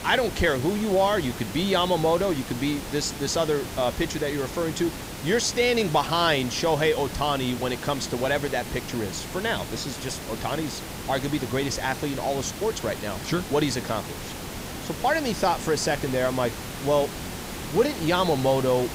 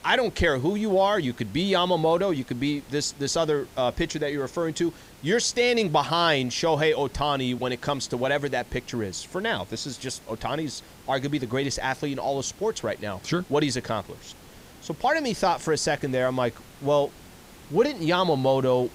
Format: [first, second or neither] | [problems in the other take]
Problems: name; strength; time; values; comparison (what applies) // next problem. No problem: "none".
second | hiss; loud; throughout; 9 dB below the speech; faint in the second